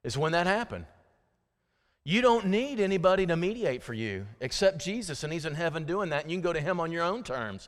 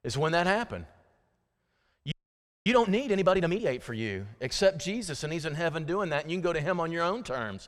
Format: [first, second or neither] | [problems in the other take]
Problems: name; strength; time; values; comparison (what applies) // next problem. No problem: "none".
first | audio freezing; at 2 s for 0.5 s